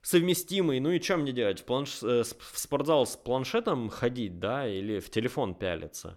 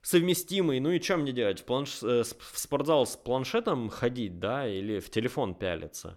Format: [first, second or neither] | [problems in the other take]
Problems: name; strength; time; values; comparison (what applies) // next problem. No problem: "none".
neither | none